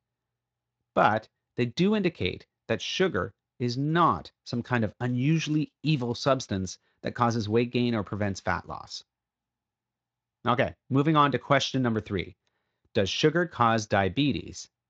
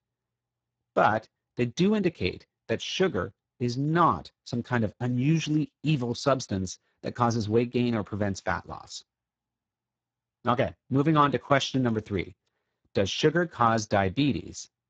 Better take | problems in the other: first | garbled, watery; badly; slightly in the first

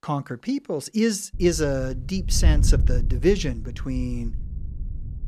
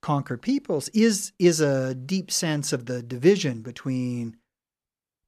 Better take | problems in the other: second | wind noise on the microphone; occasional gusts; from 1.5 s on; 15 dB below the speech

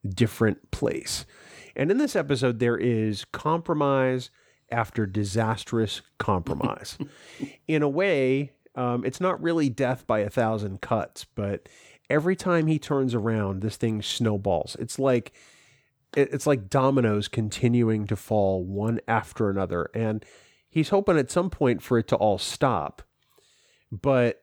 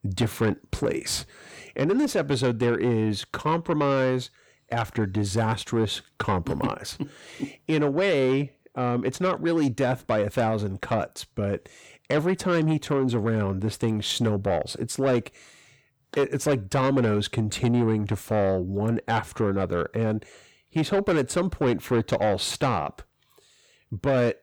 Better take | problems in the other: first | distortion; slight; 10 dB below the speech

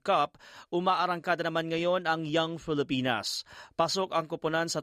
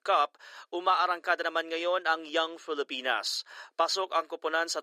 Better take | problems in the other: first | thin; very; fading below 350 Hz

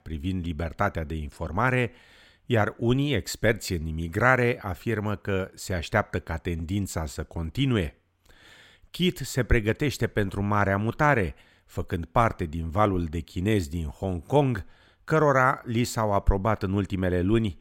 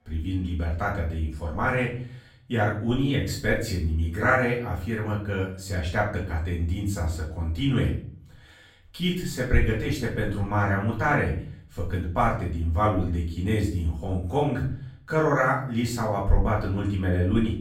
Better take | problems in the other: first | room echo; noticeable; dies away in 0.5 s // off-mic speech; far

